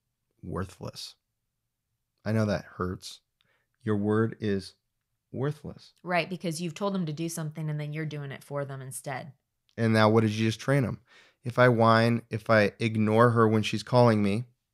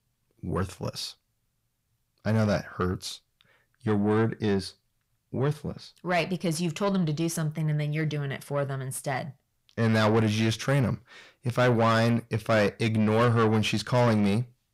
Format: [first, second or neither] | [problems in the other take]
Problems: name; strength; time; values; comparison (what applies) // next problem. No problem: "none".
first | distortion; heavy; 7 dB below the speech